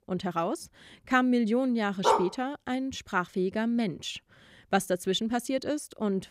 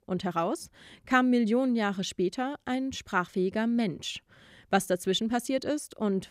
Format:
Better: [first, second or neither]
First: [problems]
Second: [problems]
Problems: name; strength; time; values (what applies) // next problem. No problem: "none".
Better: second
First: dog barking; loud; at 2 s; peak 3 dB above the speech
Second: none